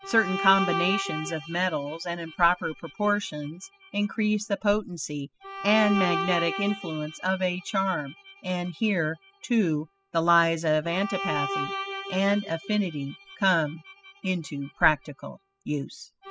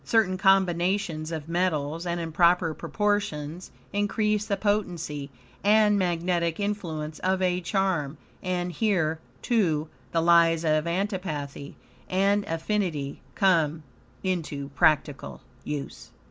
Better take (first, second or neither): second